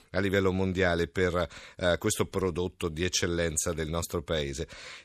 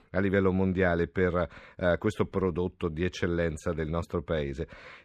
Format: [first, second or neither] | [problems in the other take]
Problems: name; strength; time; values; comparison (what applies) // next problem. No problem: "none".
first | muffled; very; fading above 4 kHz